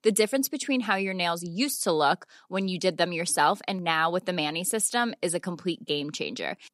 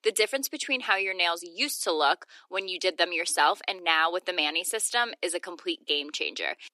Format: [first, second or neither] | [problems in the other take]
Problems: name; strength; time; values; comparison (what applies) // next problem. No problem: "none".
first | thin; somewhat; fading below 300 Hz